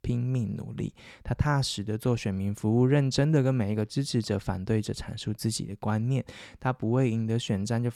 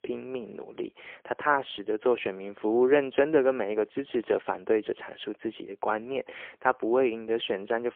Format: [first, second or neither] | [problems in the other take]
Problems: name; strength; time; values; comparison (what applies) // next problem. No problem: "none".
first | phone-call audio; poor line; nothing above 3.5 kHz